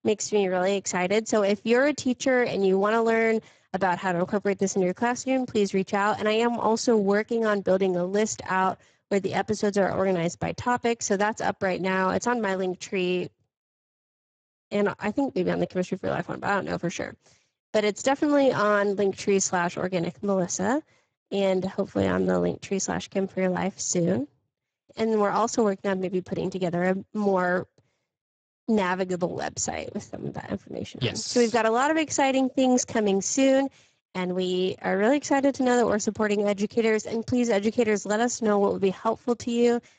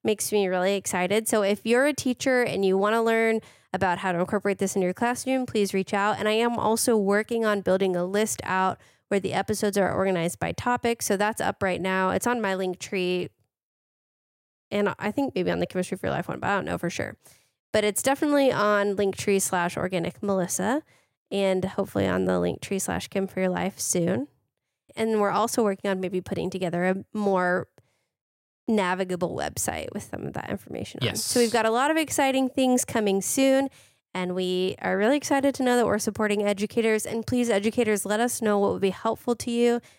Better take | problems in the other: second | garbled, watery; badly; nothing above 7.5 kHz

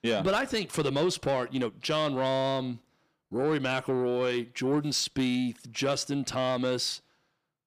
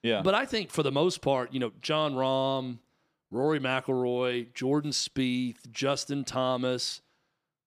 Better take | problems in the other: second | distortion; slight; 10 dB below the speech

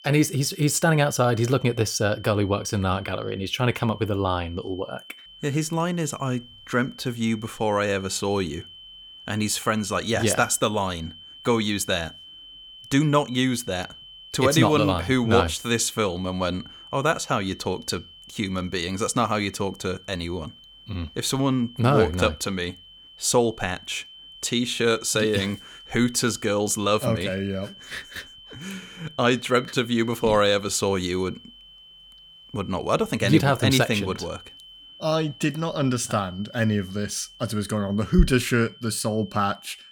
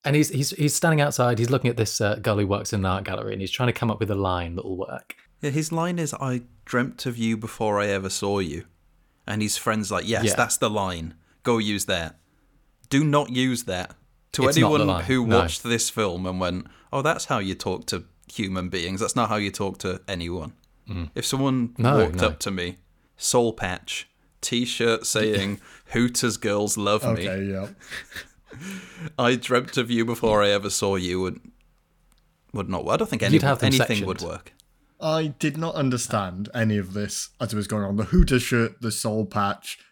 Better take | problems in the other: second | high-pitched whine; noticeable; throughout; 3 kHz, 20 dB below the speech

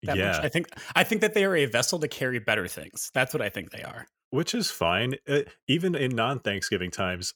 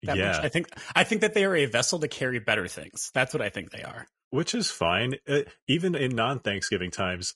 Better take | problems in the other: first | garbled, watery; slightly; nothing above 10.5 kHz

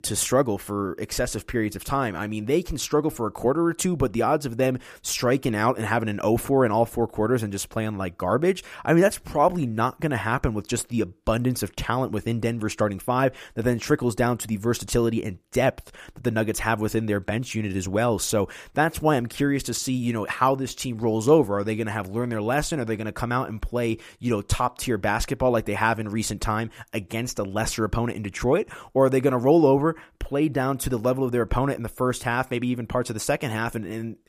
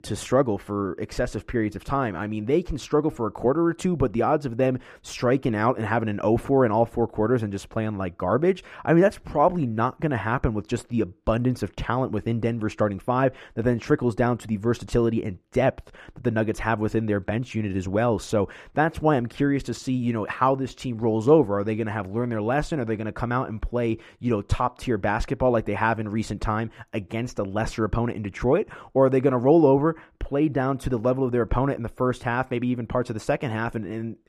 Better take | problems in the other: first | muffled; slightly; fading above 2 kHz

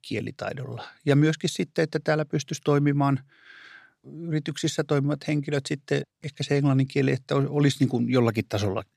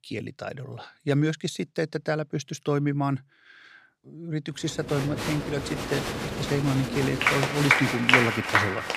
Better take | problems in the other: first | crowd noise; very loud; from 5 s on; 3 dB above the speech

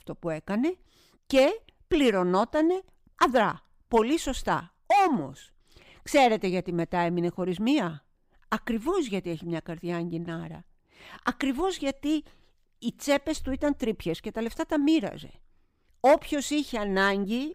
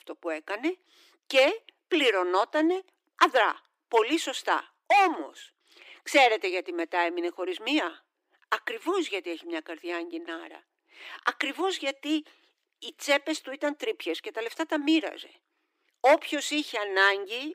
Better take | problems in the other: first | thin; somewhat; fading below 300 Hz

